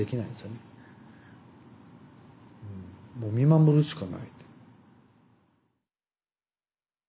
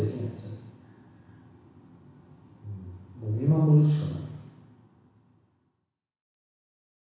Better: first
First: none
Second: room echo; dies away in 1.1 s

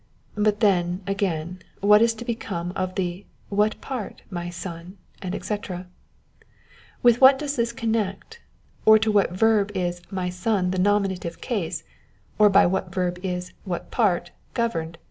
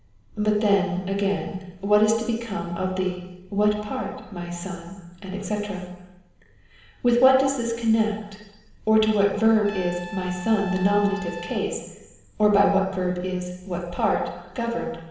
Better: first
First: none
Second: background sound (Trumpet); 15 dB below the speech // room echo; dies away in 1.1 s

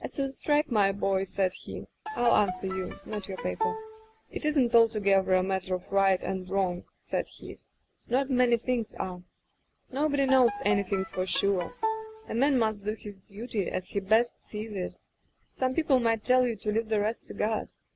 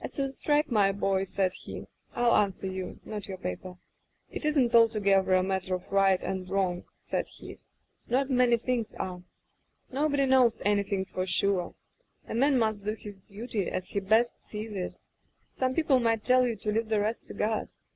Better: second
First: background sound (Bowed string instrument); 8 dB below the speech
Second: none

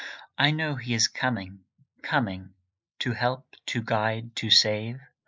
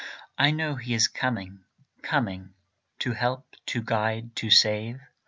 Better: second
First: noise reduction (neural mask model Resemble Enhance denoiser)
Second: none

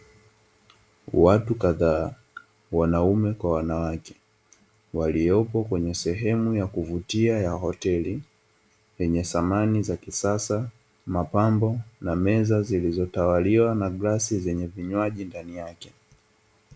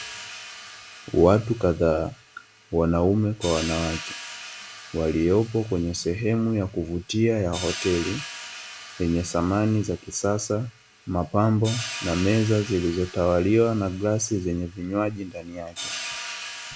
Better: first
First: none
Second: background sound (Hi-hat); 14 dB below the speech

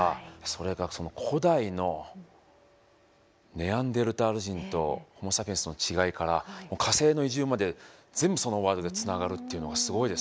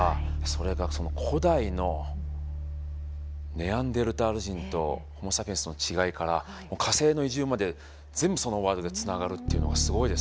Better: first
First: none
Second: background sound (Bass guitar); 4 dB below the speech

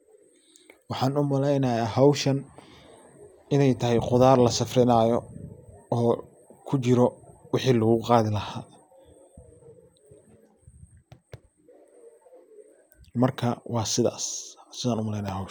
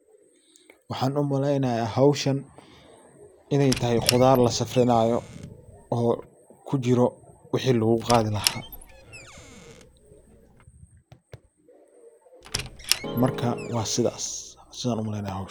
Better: first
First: none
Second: background sound (Squeak + Keyboard (musical)); 9 dB below the speech

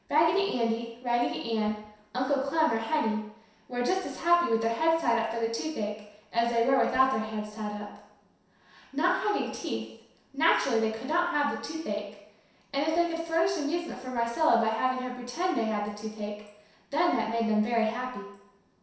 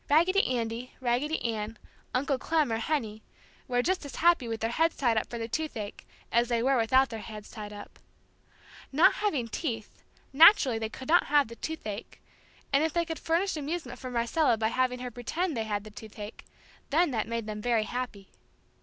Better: second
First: room echo; dies away in 0.7 s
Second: none

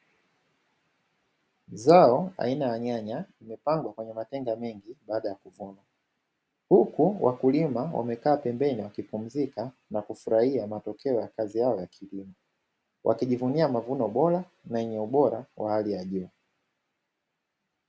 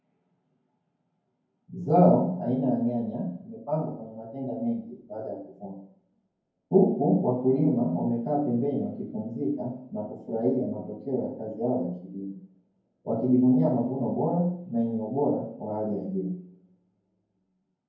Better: first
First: none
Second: room echo; dies away in 0.9 s

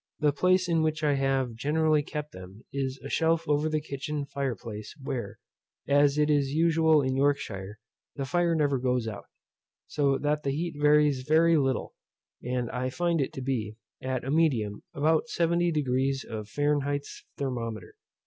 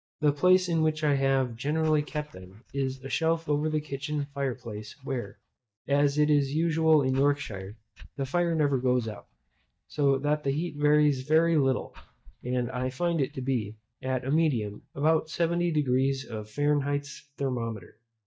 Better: first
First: none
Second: noise reduction (neural mask model DeepFilterNet 3)

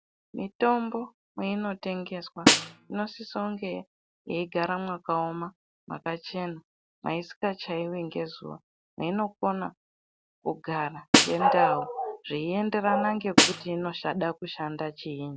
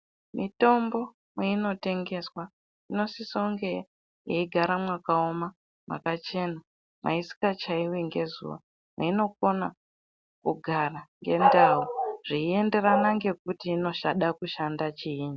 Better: second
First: background sound (Snare drum); 4 dB above the speech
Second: none

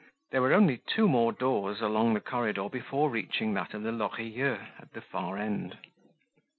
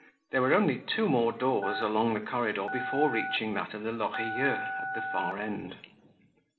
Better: first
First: none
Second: background sound (Telephone); 6 dB below the speech // room echo; dies away in 1.8 s

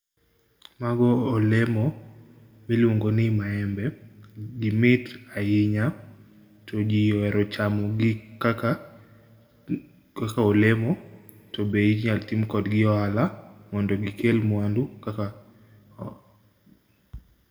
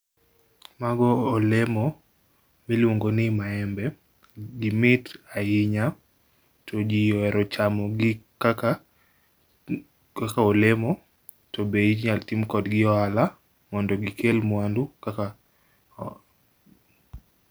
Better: second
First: room echo; dies away in 1.2 s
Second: none

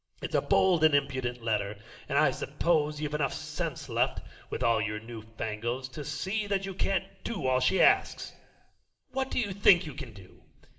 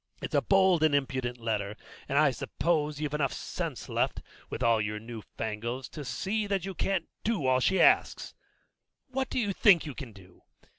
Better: second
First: room echo; dies away in 1.3 s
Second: none

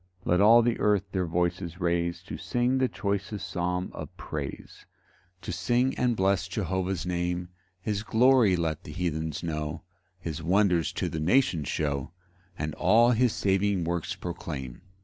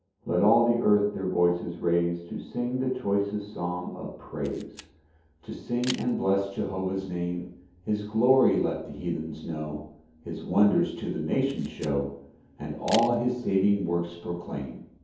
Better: first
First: none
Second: background sound (Camera); 18 dB below the speech // room echo; dies away in 0.7 s

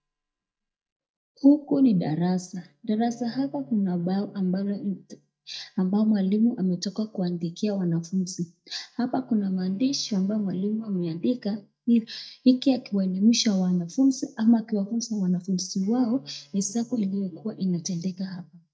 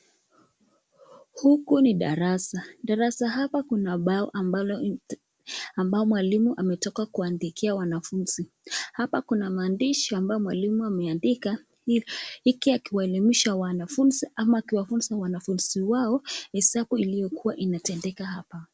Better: second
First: noise reduction (neural mask model DeepFilterNet 3)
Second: none

